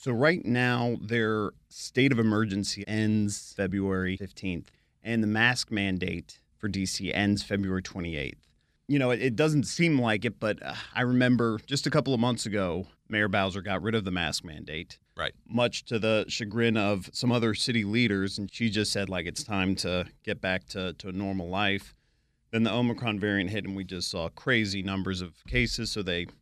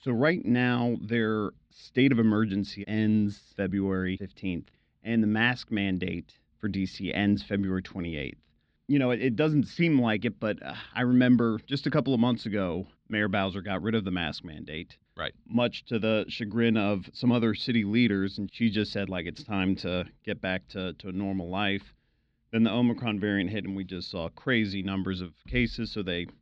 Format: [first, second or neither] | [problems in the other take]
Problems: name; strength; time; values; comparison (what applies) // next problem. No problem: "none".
first | muffled; very slightly; fading above 3.5 kHz